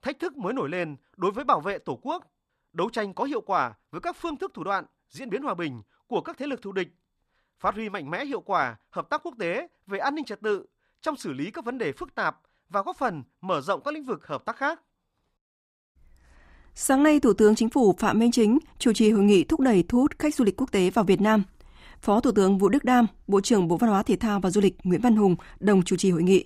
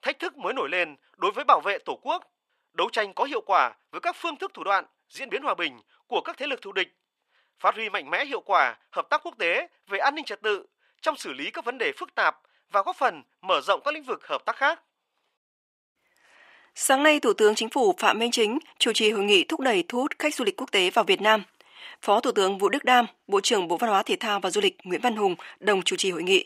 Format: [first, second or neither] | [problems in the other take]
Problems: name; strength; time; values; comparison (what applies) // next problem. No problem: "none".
first | thin; somewhat; fading below 550 Hz